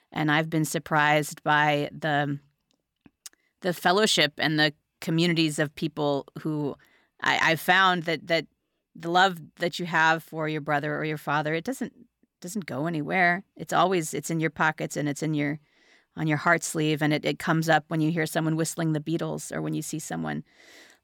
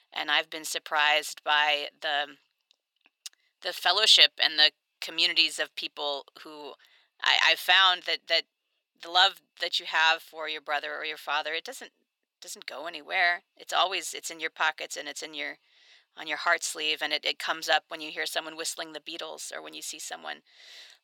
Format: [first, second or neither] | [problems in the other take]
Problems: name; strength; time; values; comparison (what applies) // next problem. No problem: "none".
first | thin; very; fading below 550 Hz